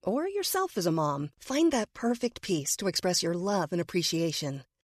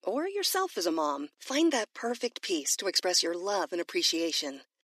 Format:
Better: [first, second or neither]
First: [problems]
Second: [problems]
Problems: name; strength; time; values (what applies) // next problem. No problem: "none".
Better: first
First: none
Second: thin; somewhat; fading below 300 Hz